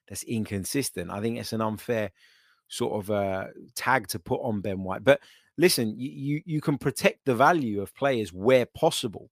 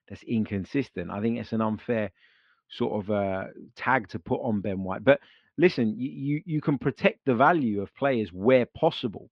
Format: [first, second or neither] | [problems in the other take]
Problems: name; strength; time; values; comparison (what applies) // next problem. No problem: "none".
first | muffled; slightly; fading above 3.5 kHz